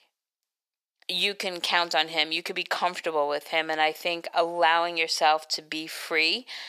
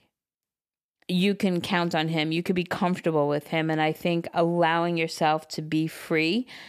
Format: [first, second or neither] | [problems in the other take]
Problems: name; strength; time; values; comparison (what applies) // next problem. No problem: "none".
second | thin; very; fading below 700 Hz